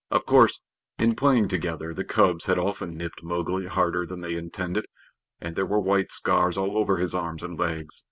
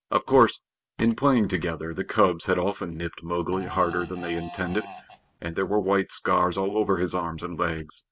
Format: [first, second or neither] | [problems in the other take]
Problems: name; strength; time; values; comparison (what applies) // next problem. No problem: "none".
first | background sound (Fart); 15 dB below the speech